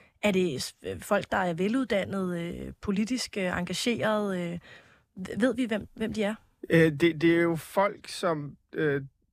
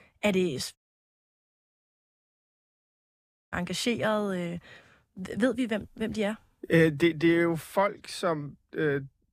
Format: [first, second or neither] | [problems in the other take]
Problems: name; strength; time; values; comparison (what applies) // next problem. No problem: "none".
first | audio cutting out; at 1 s for 3 s